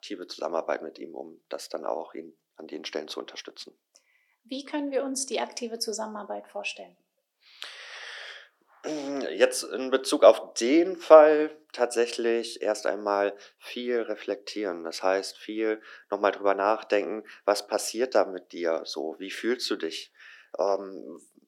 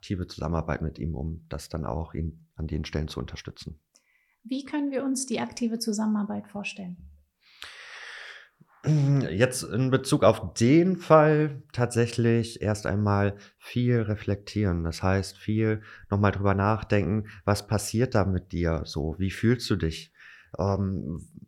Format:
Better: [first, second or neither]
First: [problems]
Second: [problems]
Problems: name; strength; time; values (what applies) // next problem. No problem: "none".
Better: second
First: thin; very; fading below 300 Hz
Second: none